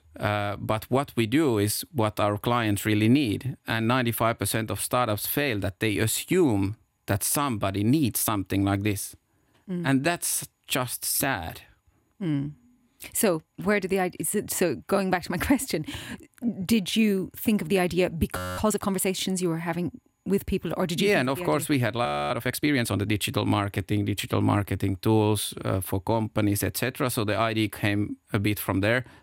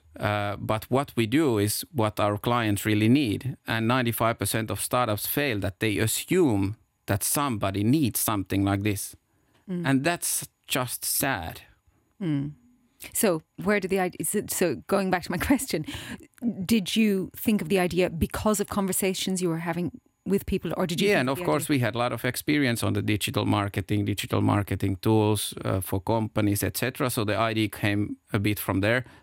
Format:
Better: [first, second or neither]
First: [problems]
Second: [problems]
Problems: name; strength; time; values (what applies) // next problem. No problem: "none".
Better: second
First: audio freezing; at 18 s and at 22 s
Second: none